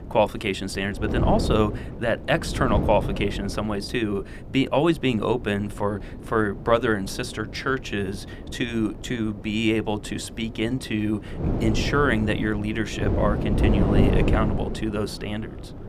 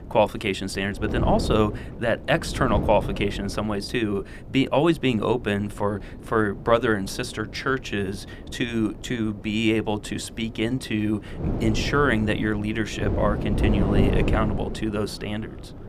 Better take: second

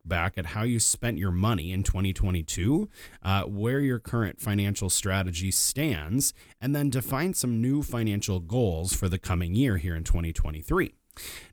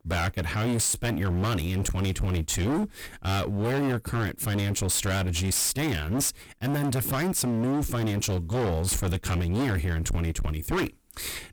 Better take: first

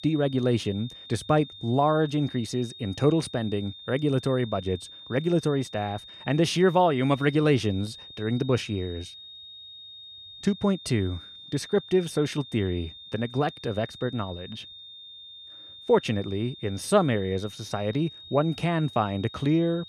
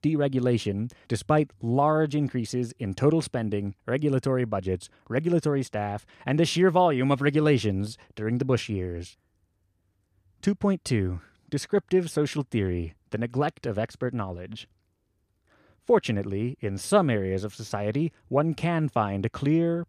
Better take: second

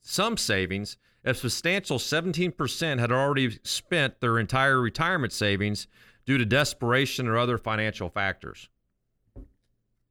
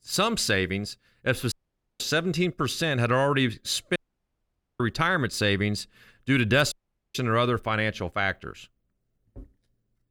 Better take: first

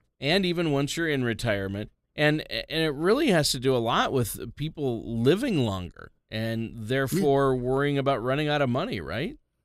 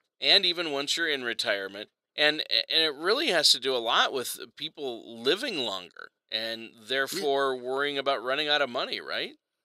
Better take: first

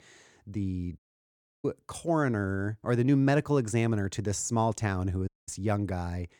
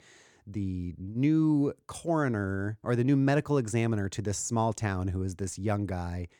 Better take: second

